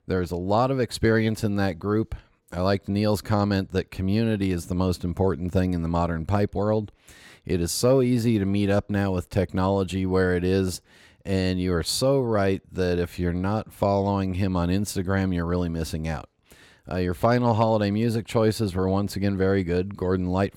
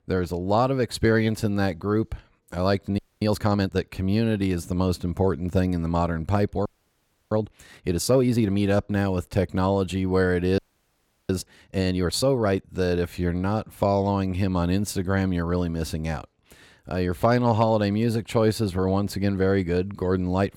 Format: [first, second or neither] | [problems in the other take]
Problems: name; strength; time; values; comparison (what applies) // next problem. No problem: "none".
first | audio freezing; at 3 s, at 6.5 s for 0.5 s and at 11 s for 0.5 s